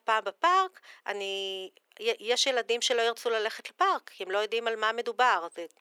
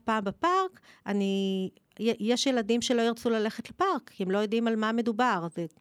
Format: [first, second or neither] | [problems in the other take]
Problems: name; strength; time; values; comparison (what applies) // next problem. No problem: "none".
second | thin; very; fading below 450 Hz